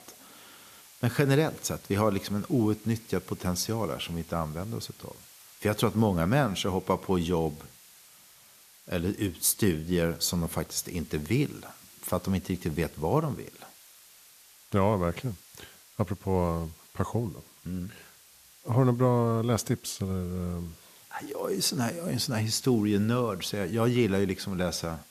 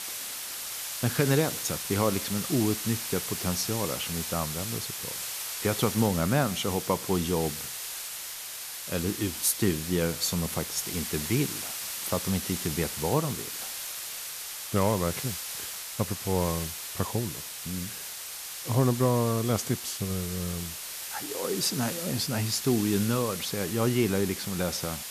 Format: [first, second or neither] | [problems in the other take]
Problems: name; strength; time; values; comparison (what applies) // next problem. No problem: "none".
first | hiss; loud; throughout; 4 dB below the speech; faint in the first